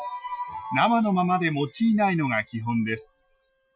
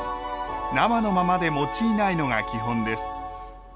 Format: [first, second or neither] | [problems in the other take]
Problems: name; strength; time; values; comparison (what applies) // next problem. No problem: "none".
second | noise reduction (classical method Wiener filter)